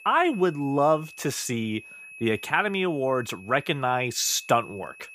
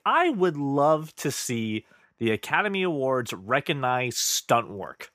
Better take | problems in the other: second | high-pitched whine; noticeable; throughout; 2.5 kHz, 20 dB below the speech

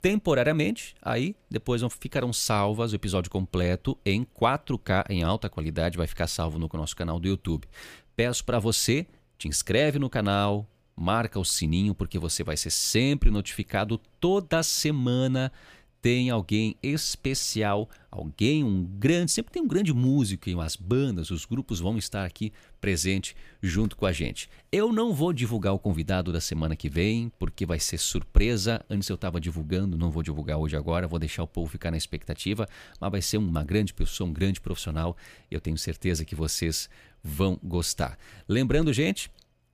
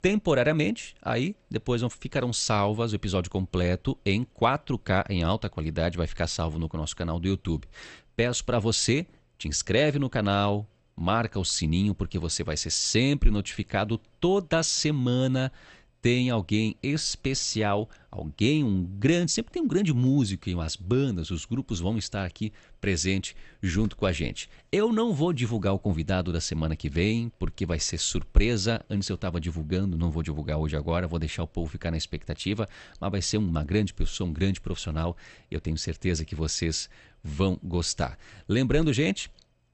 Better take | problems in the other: first | garbled, watery; slightly; nothing above 8 kHz

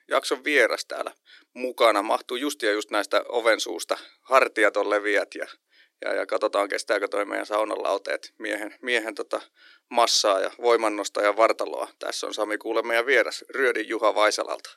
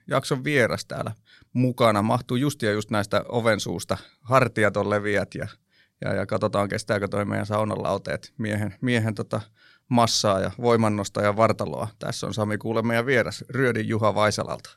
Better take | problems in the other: second | thin; very; fading below 300 Hz

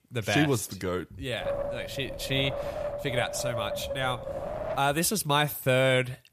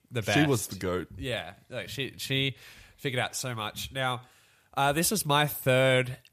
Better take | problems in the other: second | wind noise on the microphone; heavy; from 1.5 to 5 s; 6 dB below the speech

